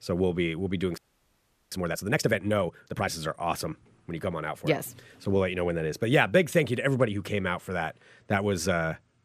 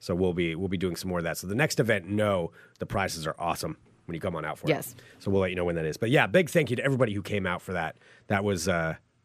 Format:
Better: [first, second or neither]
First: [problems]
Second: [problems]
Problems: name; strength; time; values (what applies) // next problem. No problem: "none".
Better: second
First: audio freezing; at 1 s for 0.5 s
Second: none